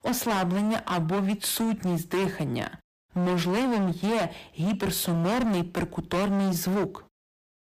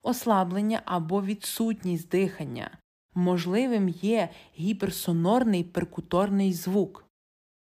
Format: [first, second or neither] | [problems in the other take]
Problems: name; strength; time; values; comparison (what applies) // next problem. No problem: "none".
second | distortion; heavy; 30% of the sound clipped